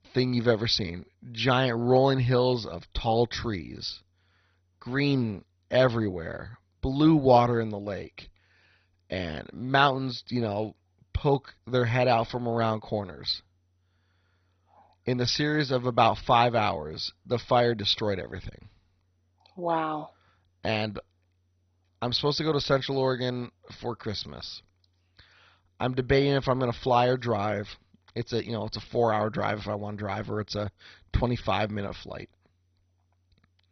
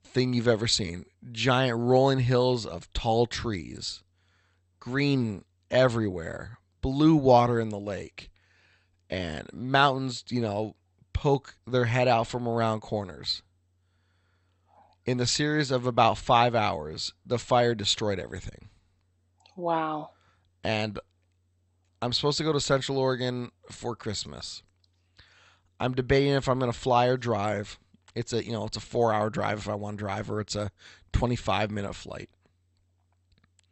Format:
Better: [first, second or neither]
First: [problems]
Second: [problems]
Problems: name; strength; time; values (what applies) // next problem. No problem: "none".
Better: second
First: garbled, watery; badly; nothing above 6 kHz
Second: garbled, watery; slightly; nothing above 8 kHz